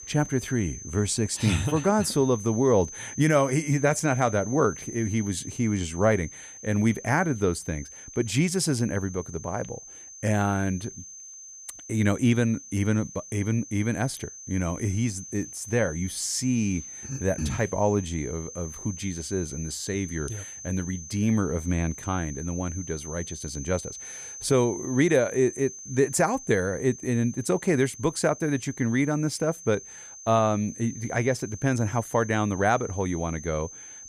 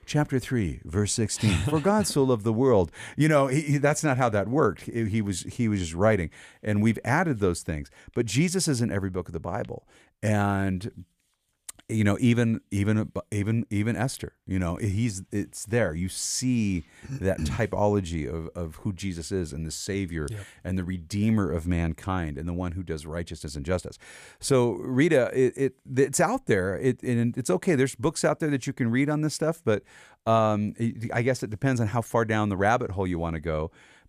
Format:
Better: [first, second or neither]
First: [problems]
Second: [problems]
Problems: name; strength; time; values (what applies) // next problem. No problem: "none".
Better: second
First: high-pitched whine; noticeable; throughout; 6 kHz, 15 dB below the speech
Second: none